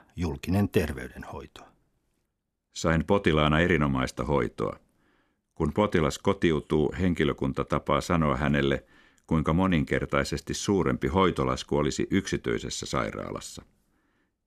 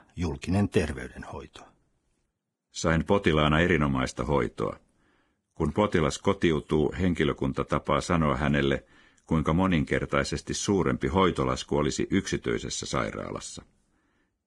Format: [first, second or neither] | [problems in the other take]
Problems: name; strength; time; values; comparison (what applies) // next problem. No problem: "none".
first | garbled, watery; badly; nothing above 10 kHz